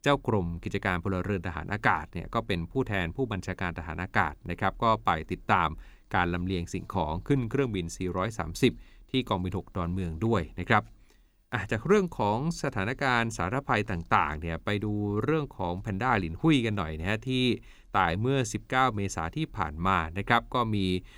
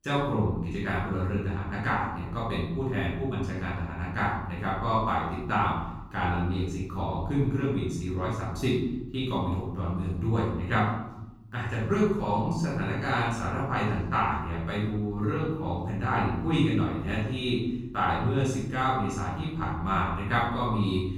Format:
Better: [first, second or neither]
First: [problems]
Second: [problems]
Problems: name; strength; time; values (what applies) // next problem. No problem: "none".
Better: first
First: none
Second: off-mic speech; far // room echo; noticeable; dies away in 1 s